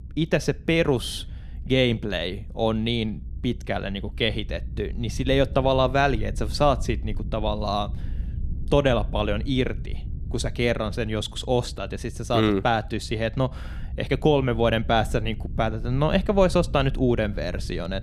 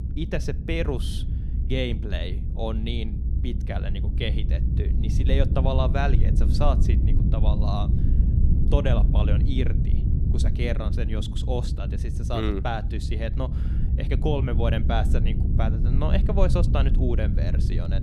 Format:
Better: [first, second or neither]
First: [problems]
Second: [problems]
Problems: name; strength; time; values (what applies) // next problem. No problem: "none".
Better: first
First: low rumble; faint; throughout; 25 dB below the speech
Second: low rumble; loud; throughout; 7 dB below the speech